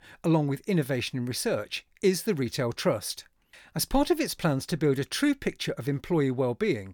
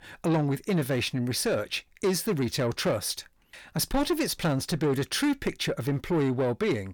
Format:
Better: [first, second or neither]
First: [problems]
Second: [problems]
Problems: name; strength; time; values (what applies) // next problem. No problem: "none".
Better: first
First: none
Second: distortion; slight; 10 dB below the speech